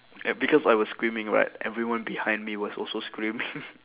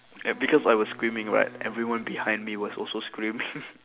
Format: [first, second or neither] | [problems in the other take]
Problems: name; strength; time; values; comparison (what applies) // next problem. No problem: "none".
first | background sound (Wind instrument, woodwind instrument); 20 dB below the speech